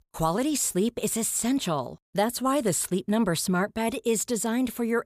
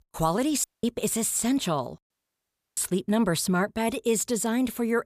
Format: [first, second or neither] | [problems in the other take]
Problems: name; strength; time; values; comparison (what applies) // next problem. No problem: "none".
first | audio cutting out; at 0.5 s and at 2 s for 0.5 s